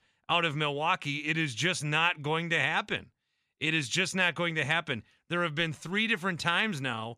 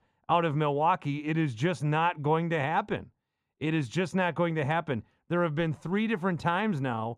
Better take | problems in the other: first | muffled; slightly; fading above 1.5 kHz

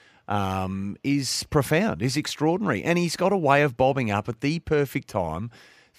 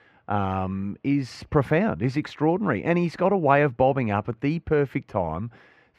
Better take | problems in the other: first | muffled; very; fading above 4 kHz

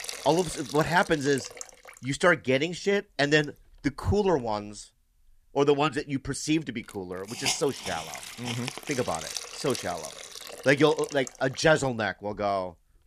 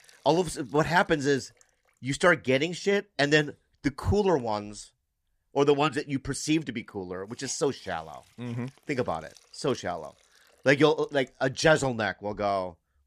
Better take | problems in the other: second | hiss; loud; throughout; 9 dB below the speech; faint in the second

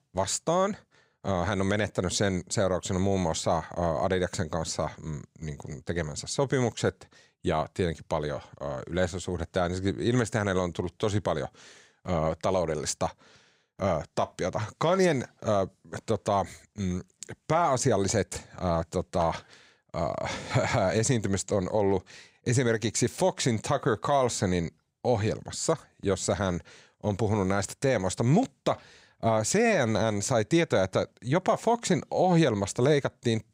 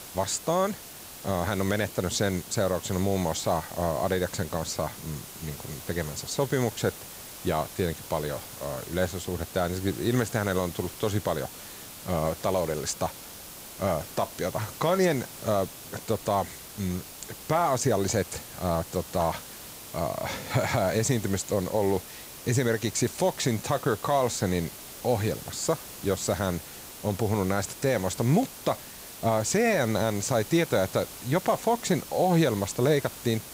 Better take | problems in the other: first | hiss; noticeable; throughout; 10 dB below the speech

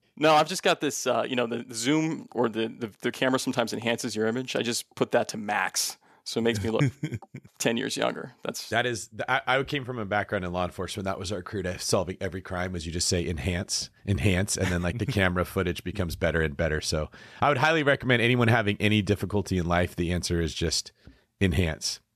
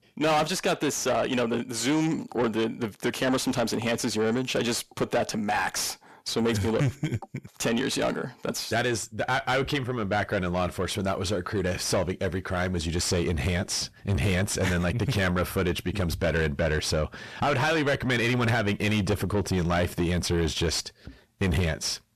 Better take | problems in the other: first | distortion; heavy; 6 dB below the speech

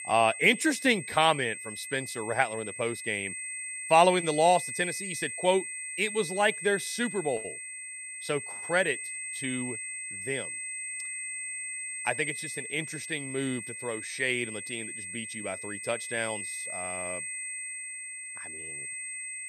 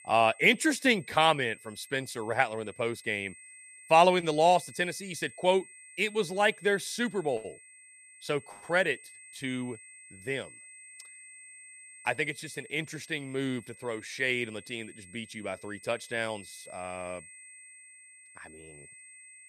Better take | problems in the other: second | high-pitched whine; loud; throughout; 8.5 kHz, 7 dB below the speech; faint in the second

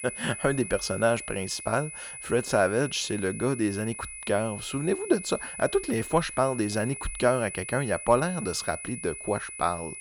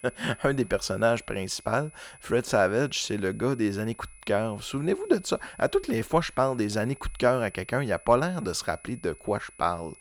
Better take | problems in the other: second | high-pitched whine; loud; throughout; 10 kHz, 9 dB below the speech; faint in the second

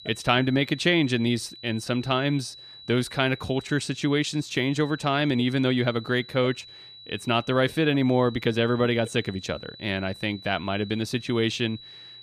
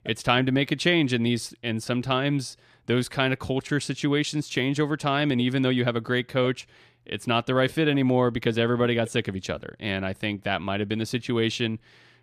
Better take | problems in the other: second | high-pitched whine; noticeable; throughout; 4 kHz, 20 dB below the speech

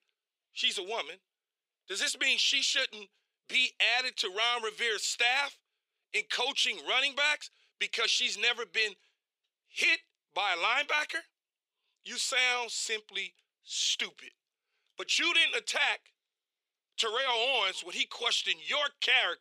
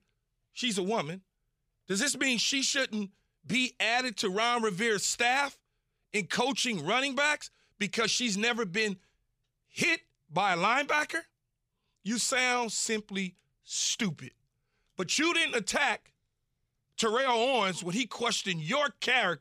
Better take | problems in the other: second | thin; very; fading below 350 Hz

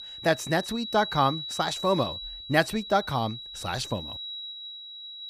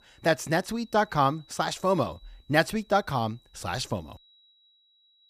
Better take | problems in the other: second | high-pitched whine; loud; throughout; 4 kHz, 8 dB below the speech; faint in the second

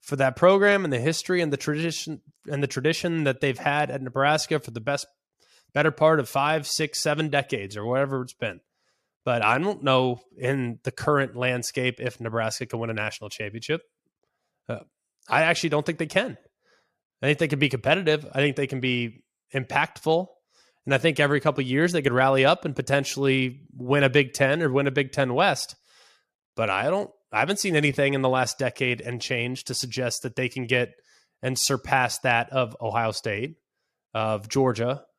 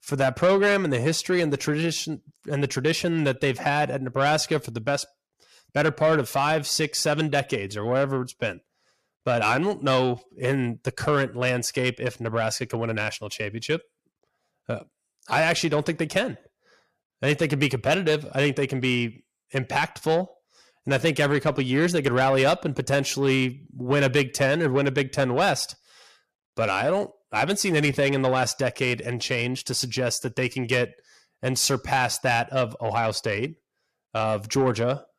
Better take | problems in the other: first | distortion; slight; 10 dB below the speech

